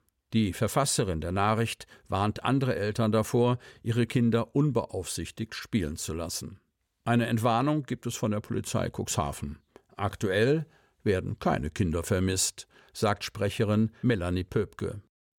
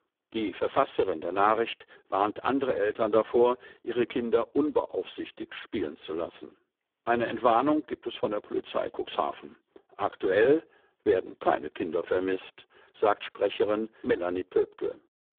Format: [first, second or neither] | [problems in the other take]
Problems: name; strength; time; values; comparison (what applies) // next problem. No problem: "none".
first | phone-call audio; poor line